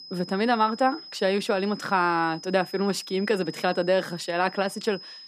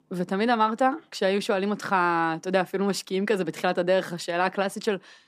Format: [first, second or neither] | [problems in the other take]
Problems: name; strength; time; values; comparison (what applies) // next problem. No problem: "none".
second | high-pitched whine; noticeable; throughout; 5 kHz, 15 dB below the speech